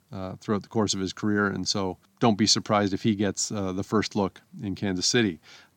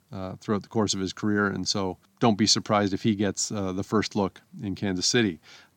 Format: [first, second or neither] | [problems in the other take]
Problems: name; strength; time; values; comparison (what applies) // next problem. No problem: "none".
neither | none